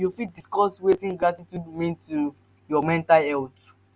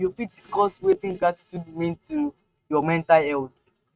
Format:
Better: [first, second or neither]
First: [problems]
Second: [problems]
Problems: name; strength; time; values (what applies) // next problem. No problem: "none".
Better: first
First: none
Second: noise reduction (neural mask model RNNoise)